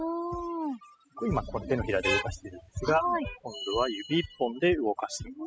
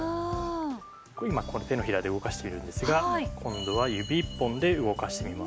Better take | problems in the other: second | noise reduction (classical method spectral subtraction)

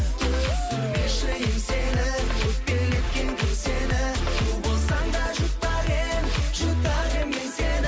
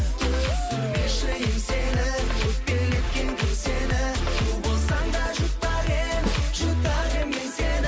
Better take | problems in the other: first | background sound (Snare drum); 15 dB below the speech

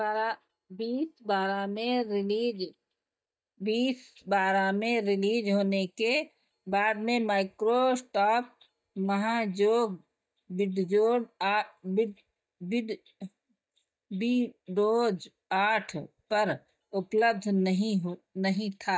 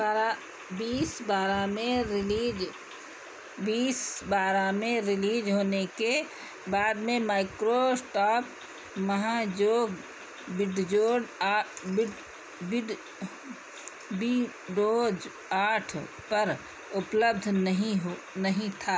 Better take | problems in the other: second | noise reduction (neural mask model DeepFilterNet 3)

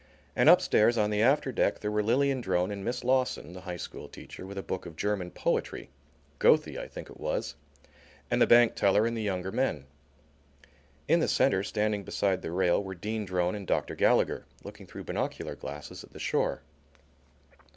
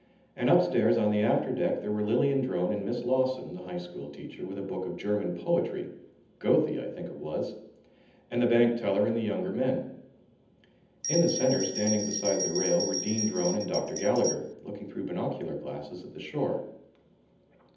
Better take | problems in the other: first | background sound (Bell); 6 dB below the speech // room echo; dies away in 0.8 s

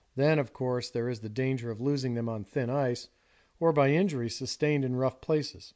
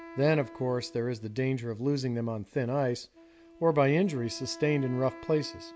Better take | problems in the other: first | background sound (Wind instrument, woodwind instrument); 19 dB below the speech

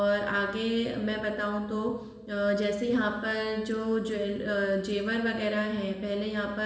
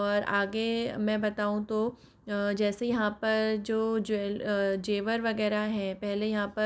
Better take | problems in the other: second | room echo; dies away in 1.3 s

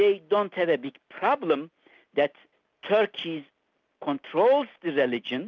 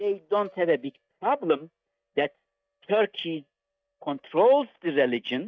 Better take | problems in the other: first | noise reduction (neural mask model DeepFilterNet 3)

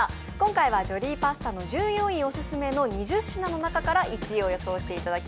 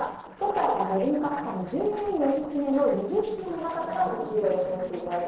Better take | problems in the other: first | noise reduction (neural separator model SepFormer DNS4)

